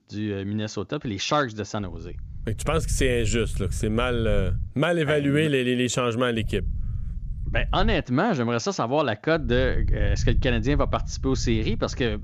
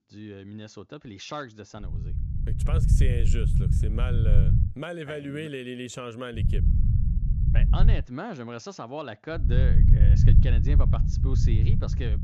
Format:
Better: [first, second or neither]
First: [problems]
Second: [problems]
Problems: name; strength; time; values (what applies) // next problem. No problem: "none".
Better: first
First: low rumble; faint; from 2 to 4.5 s, from 6.5 to 8 s and from 9.5 s on; 20 dB below the speech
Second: low rumble; loud; from 2 to 4.5 s, from 6.5 to 8 s and from 9.5 s on; 2 dB below the speech